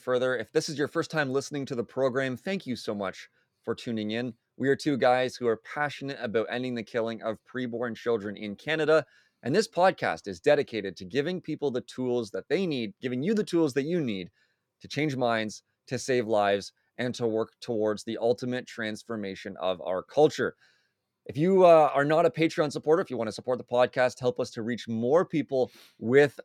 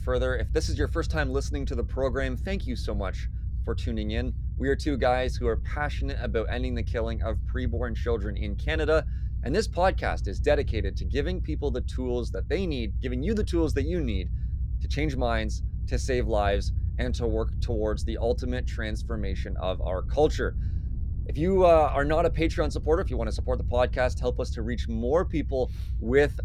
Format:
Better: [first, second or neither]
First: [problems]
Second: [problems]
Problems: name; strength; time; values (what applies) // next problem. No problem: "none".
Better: first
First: none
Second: low rumble; faint; throughout; 20 dB below the speech